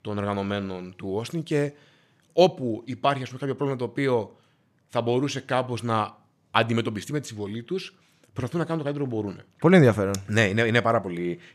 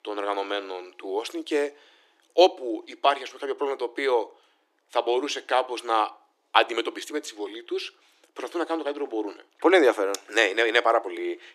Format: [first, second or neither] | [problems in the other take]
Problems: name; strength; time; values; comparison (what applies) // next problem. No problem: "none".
first | thin; very; fading below 300 Hz